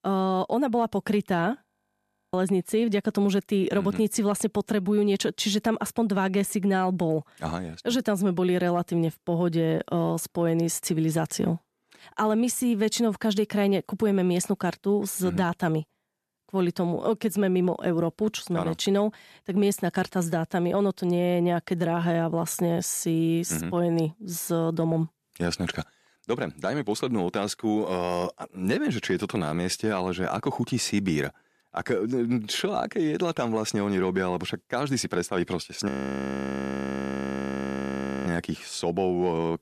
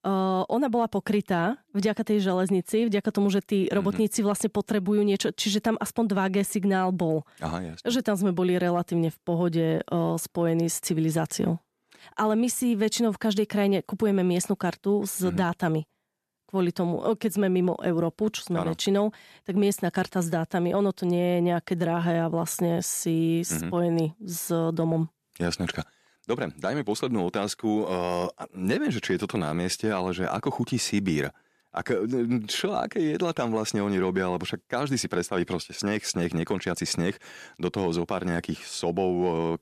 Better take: second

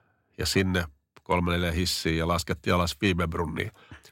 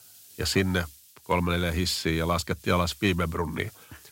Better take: first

